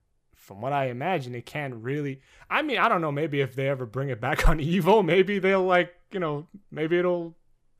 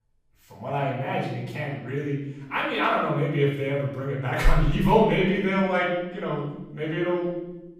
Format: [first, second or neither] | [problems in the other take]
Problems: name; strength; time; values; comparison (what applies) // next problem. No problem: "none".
first | off-mic speech; far // room echo; noticeable; dies away in 1 s